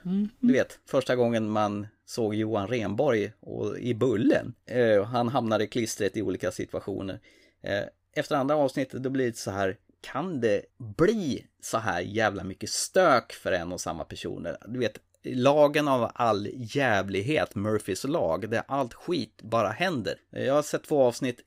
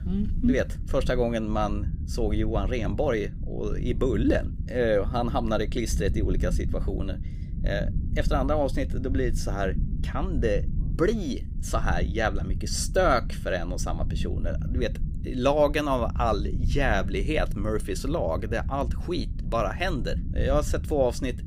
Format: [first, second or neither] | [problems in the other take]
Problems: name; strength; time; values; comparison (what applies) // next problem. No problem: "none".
first | low rumble; noticeable; throughout; 15 dB below the speech